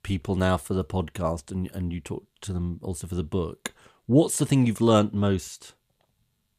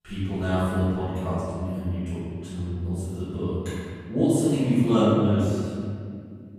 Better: first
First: none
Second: off-mic speech; far // room echo; strong; dies away in 2.3 s

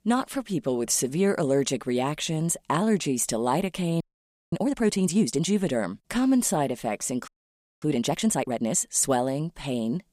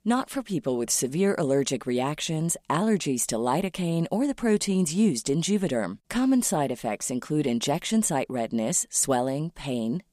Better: second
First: audio freezing; at 4 s for 0.5 s and at 7.5 s for 0.5 s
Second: none

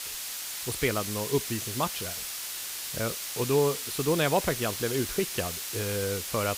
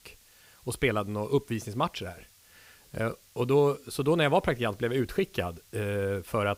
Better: second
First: hiss; loud; throughout; 3 dB below the speech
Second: hiss; faint; throughout; 25 dB below the speech

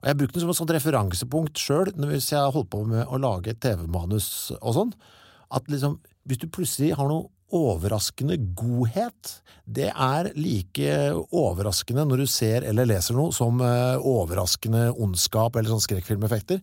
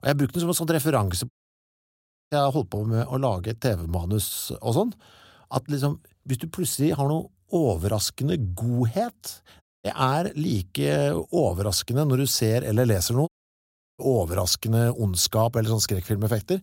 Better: first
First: none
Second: audio cutting out; at 1.5 s for 1 s, at 9.5 s and at 13 s for 0.5 s

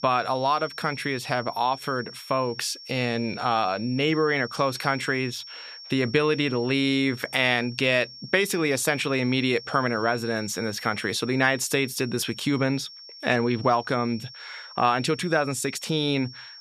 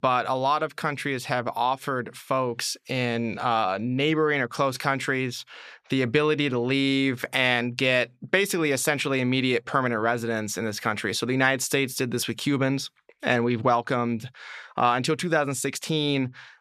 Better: second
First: high-pitched whine; noticeable; throughout; 5.5 kHz, 15 dB below the speech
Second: none

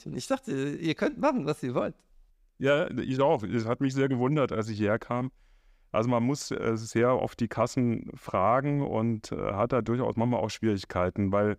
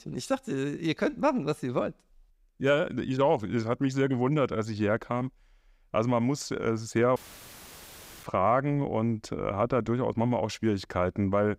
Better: first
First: none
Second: audio cutting out; filled with static; at 7 s for 1 s

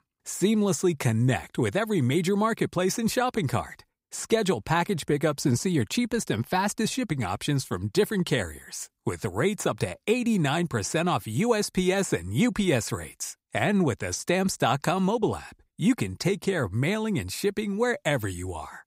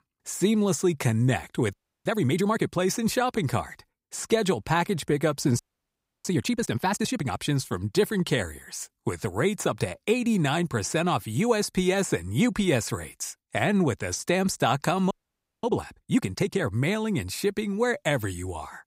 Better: first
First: none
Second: audio freezing; at 1.5 s, at 5.5 s for 0.5 s and at 15 s for 0.5 s

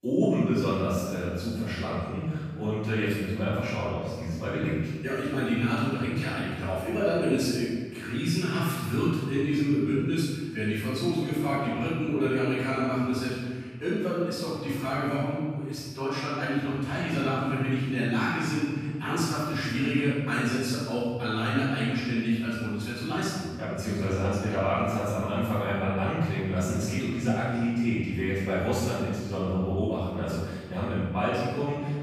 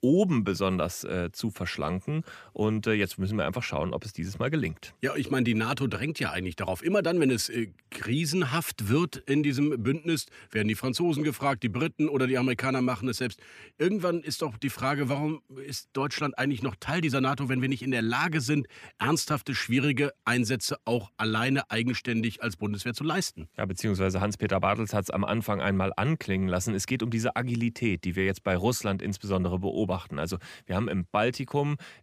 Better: second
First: room echo; strong; dies away in 1.5 s // off-mic speech; far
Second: none

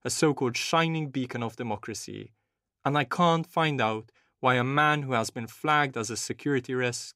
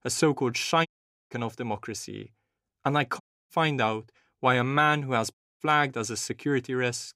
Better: first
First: none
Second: audio cutting out; at 1 s, at 3 s and at 5.5 s

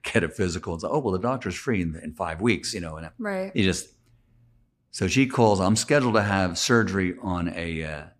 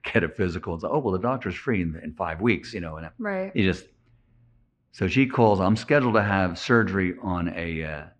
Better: first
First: none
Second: muffled; slightly; fading above 2.5 kHz

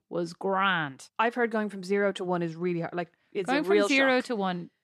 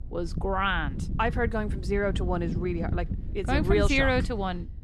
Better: first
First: none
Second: wind noise on the microphone; occasional gusts; 15 dB below the speech

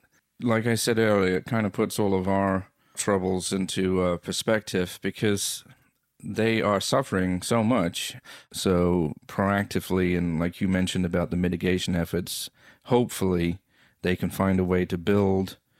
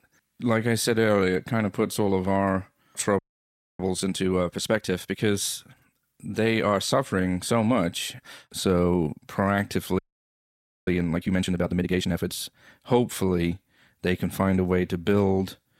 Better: first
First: none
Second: audio freezing; at 3 s for 0.5 s and at 10 s for 1 s

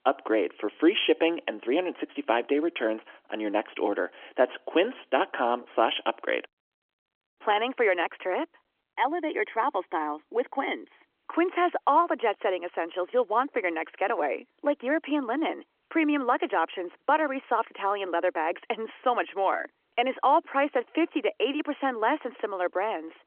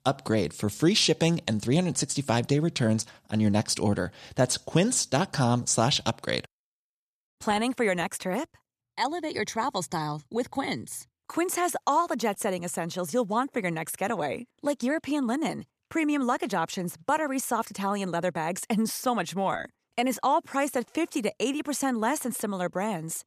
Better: second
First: phone-call audio; nothing above 3.5 kHz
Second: none

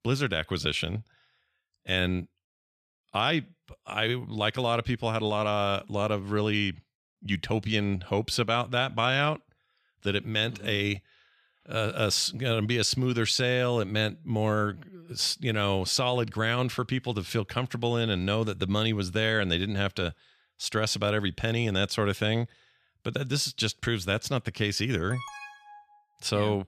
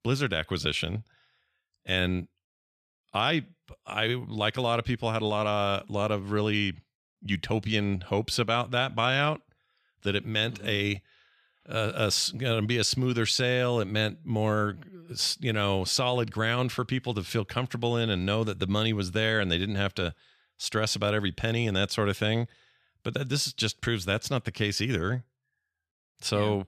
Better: second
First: alarm; faint; at 25 s; peak 15 dB below the speech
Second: none

